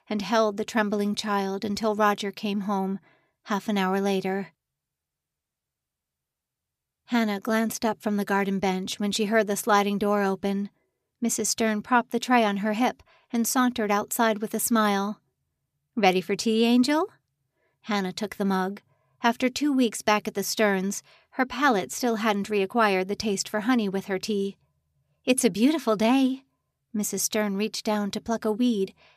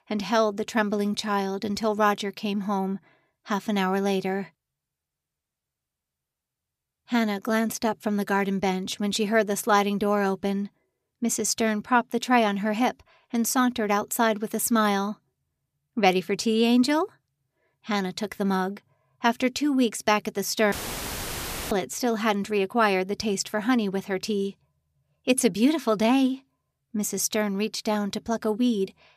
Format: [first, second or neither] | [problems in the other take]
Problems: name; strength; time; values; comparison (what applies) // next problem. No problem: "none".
first | audio cutting out; filled with static; at 21 s for 1 s